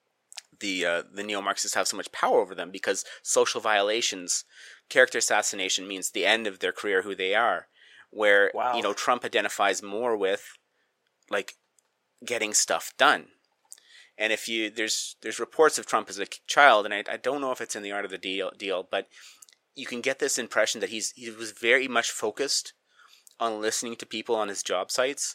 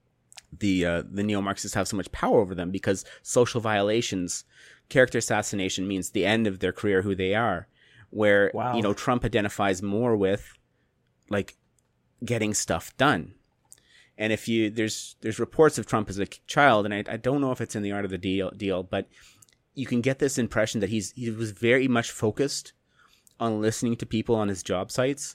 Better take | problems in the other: second | thin; somewhat; fading below 600 Hz

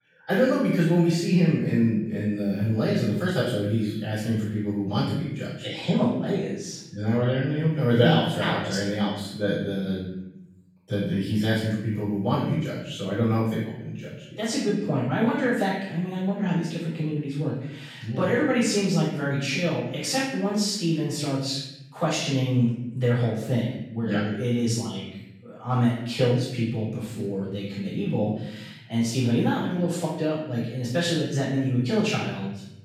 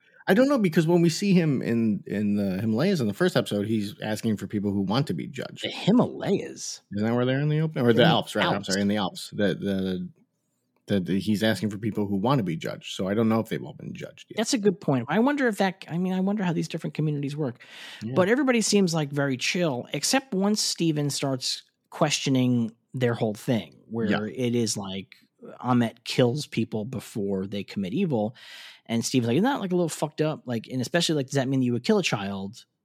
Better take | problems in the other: second | off-mic speech; far // room echo; noticeable; dies away in 0.8 s

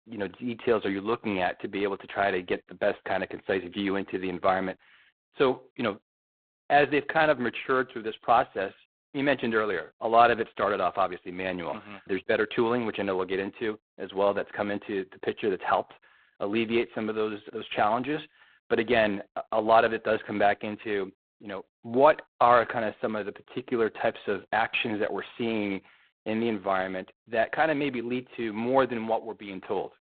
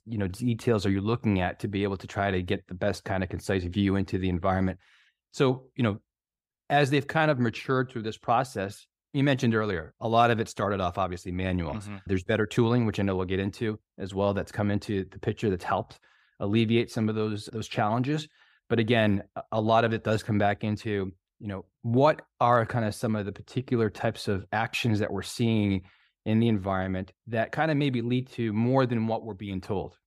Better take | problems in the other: second | phone-call audio; poor line; nothing above 4 kHz

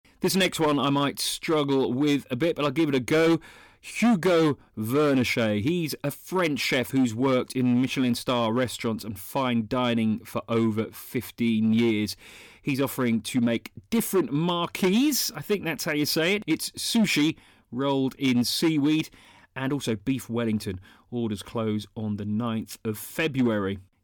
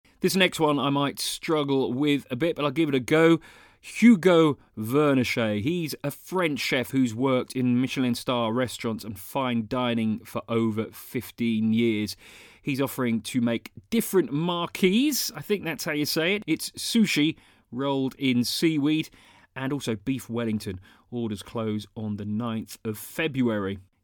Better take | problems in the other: second | distortion; slight; 5% of the sound clipped

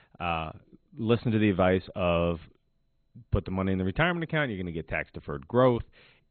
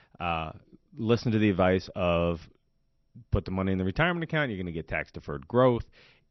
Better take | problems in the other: second | garbled, watery; badly; nothing above 3.5 kHz; slightly in the second

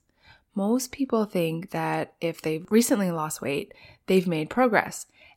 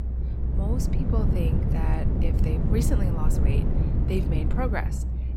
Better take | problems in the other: first | low rumble; loud; throughout; 1 dB below the speech

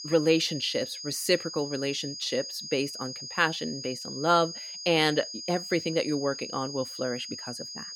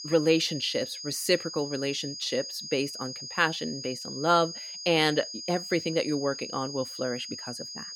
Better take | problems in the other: neither | high-pitched whine; loud; throughout; 5 kHz, 8 dB below the speech; the same in both

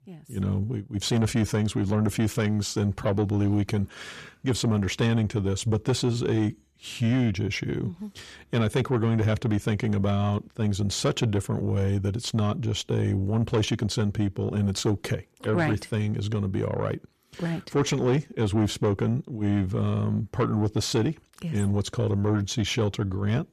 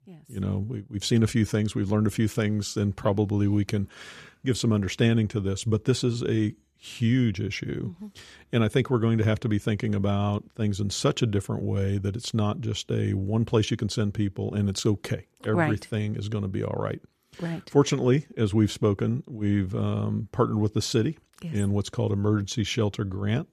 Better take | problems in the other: second | distortion; slight; 10 dB below the speech

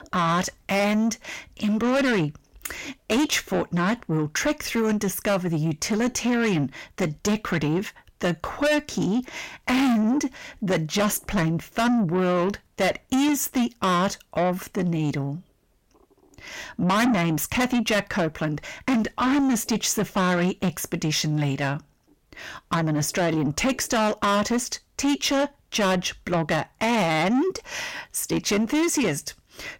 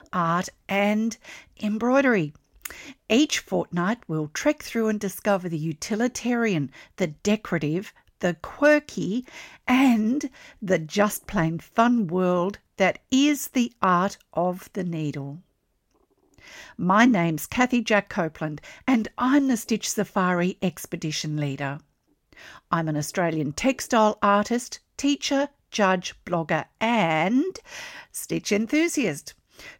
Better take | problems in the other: second | distortion; heavy; 7 dB below the speech

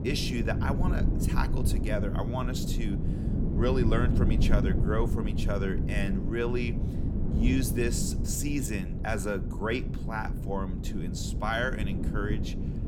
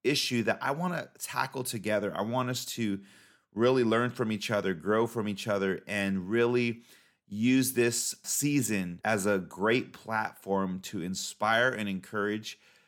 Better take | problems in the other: second | low rumble; loud; throughout; 6 dB below the speech

